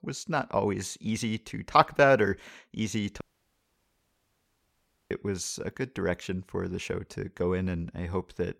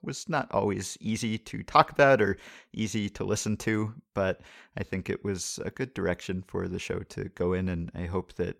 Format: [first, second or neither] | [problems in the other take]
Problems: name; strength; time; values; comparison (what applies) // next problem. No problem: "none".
second | audio cutting out; at 3 s for 2 s